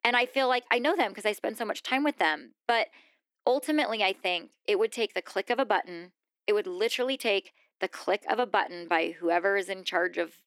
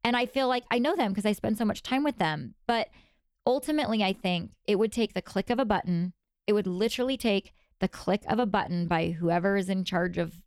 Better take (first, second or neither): second